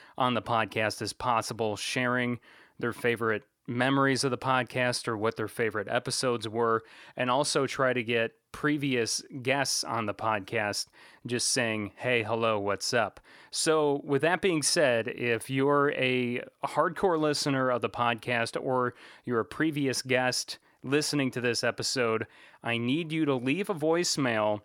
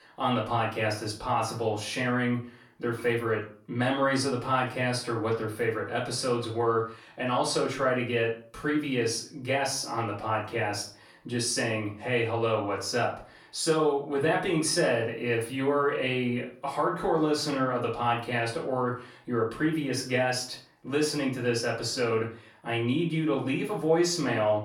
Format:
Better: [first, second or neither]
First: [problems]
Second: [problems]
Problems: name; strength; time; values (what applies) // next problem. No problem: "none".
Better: first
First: none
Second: off-mic speech; far // room echo; slight; dies away in 0.4 s